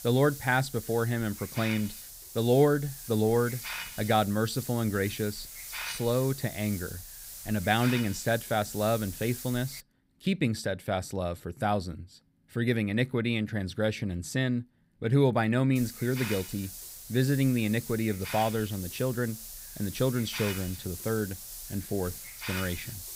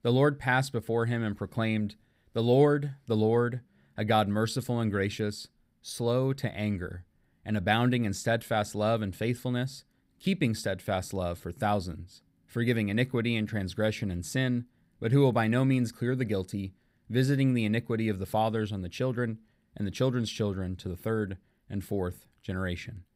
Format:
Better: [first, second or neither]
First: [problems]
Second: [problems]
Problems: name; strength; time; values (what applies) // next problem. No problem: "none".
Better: second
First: hiss; noticeable; until 10 s and from 16 s on; 10 dB below the speech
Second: none